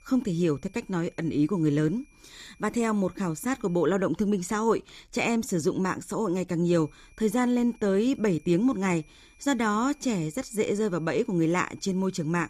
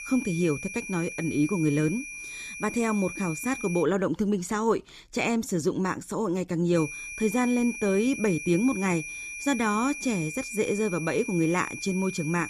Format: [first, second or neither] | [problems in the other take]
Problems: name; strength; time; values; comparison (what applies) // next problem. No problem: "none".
first | high-pitched whine; loud; until 4 s and from 7 s on; 2.5 kHz, 9 dB below the speech; faint in the first